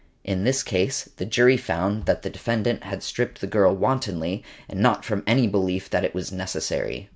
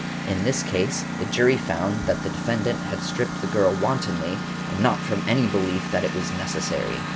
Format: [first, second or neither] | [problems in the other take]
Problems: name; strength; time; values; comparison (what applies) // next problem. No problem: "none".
first | background sound (Engine); 4 dB below the speech